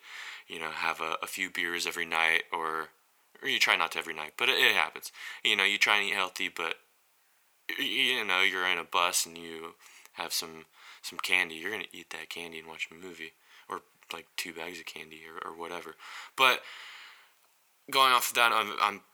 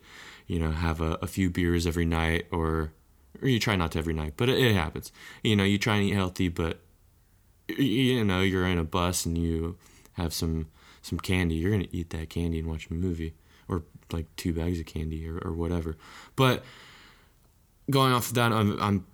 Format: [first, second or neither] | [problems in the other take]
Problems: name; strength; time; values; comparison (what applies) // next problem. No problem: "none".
second | thin; very; fading below 800 Hz